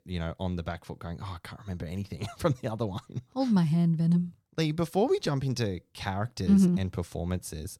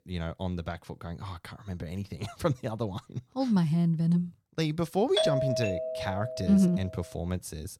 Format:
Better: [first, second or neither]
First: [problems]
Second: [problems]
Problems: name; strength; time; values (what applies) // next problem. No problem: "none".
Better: first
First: none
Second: doorbell; loud; from 5 to 6.5 s; peak 3 dB above the speech